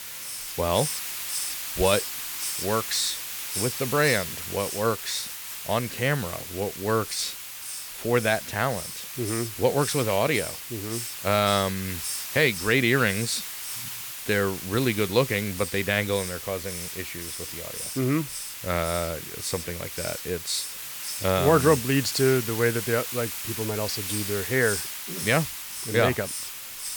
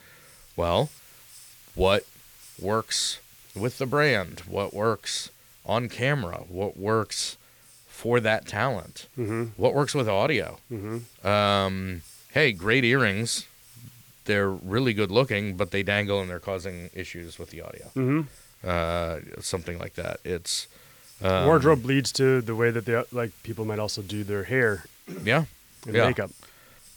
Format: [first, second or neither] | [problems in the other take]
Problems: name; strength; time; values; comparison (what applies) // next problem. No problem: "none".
second | hiss; loud; throughout; 5 dB below the speech; faint in the second